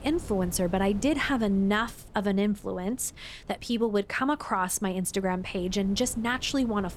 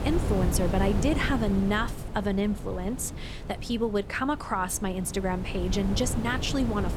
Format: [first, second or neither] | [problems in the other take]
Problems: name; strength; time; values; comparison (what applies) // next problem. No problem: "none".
first | wind noise on the microphone; heavy; 10 dB below the speech; occasional gusts in the first